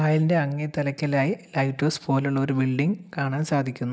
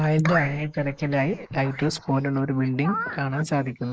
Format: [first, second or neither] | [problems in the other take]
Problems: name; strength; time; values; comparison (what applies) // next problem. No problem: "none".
first | noise reduction (neural mask model Resemble Enhance denoiser)